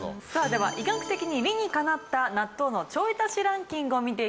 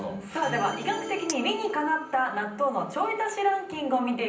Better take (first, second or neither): first